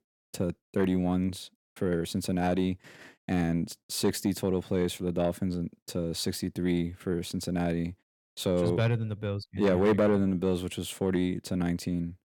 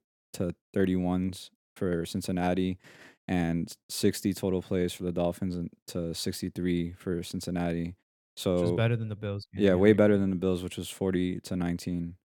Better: second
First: distortion; slight; 10 dB below the speech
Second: none

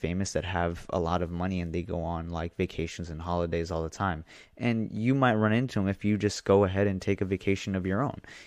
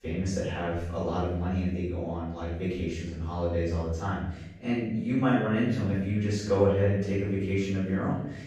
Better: first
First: none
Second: room echo; strong; dies away in 0.8 s // off-mic speech; far

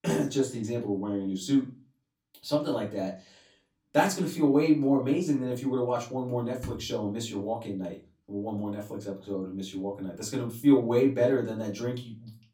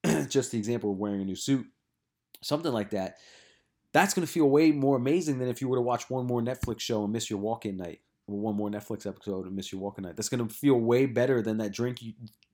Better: second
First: off-mic speech; far // room echo; very slight; dies away in 0.2 s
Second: none

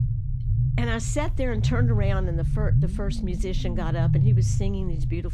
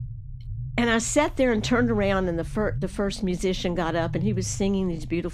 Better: second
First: low rumble; loud; throughout; 5 dB below the speech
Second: low rumble; faint; throughout; 20 dB below the speech

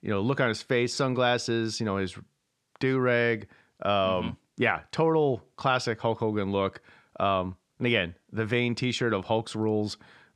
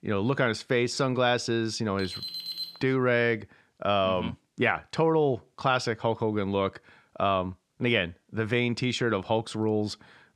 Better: first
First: none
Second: alarm; noticeable; at 2 s; peak 6 dB below the speech

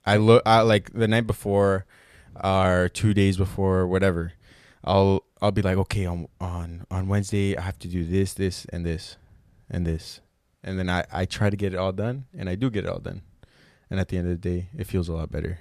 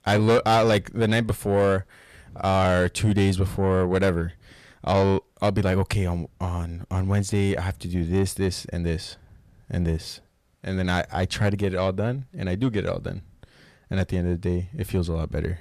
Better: first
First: none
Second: distortion; slight; 10 dB below the speech

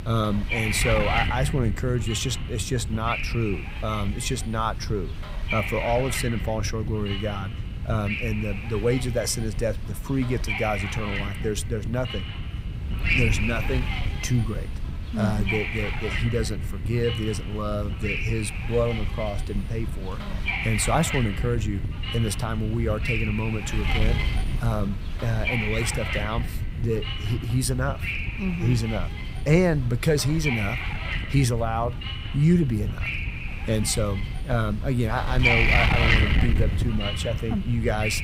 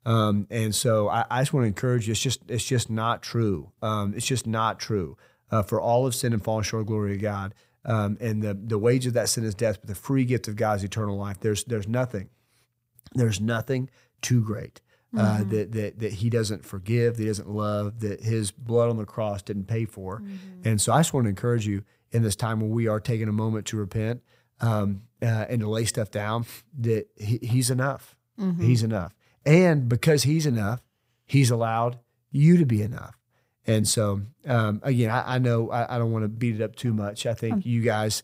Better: second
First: wind noise on the microphone; heavy; 1 dB above the speech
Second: none

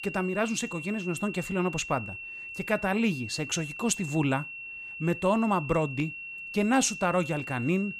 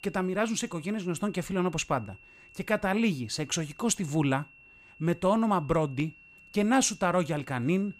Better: second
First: high-pitched whine; loud; throughout; 2.5 kHz, 9 dB below the speech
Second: high-pitched whine; faint; throughout; 2.5 kHz, 25 dB below the speech

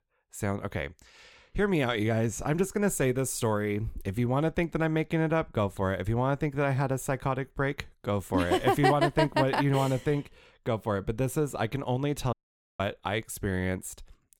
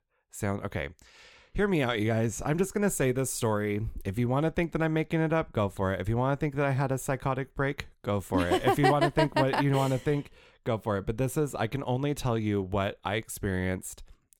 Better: second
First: audio cutting out; at 12 s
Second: none

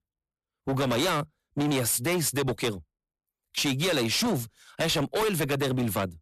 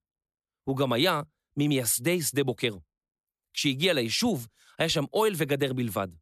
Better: second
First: distortion; heavy; 21% of the sound clipped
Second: none

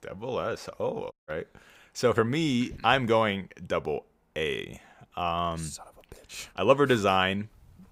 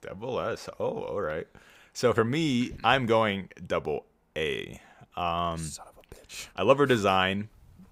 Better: second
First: audio cutting out; at 1 s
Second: none

